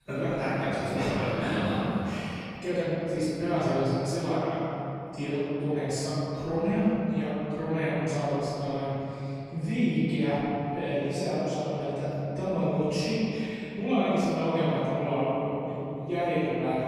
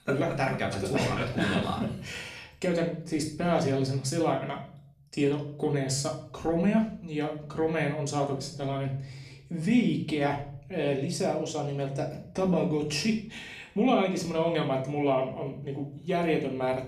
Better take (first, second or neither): second